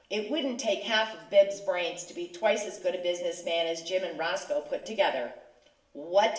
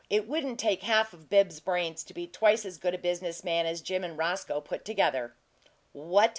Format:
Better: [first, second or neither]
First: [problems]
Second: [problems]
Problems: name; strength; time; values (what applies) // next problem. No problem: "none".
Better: second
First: room echo; dies away in 0.8 s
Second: none